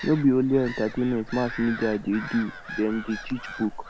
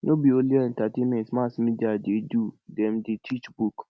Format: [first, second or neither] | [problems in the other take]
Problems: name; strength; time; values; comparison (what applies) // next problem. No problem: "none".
second | background sound (Gull, seagull / Bird vocalization, bird call, bird song); 12 dB below the speech